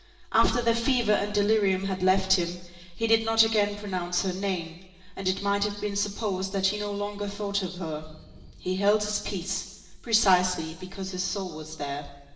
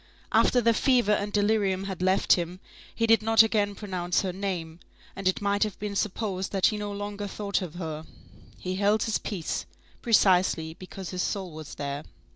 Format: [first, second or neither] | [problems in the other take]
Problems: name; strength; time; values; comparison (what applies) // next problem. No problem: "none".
second | room echo; dies away in 1.1 s